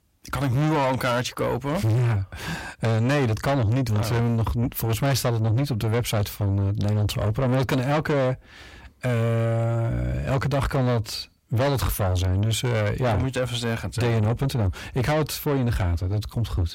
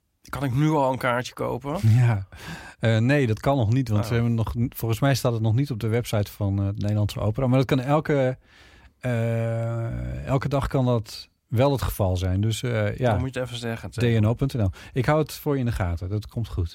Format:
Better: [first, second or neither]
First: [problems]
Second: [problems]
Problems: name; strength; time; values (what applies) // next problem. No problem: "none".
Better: second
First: distortion; heavy; 7 dB below the speech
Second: none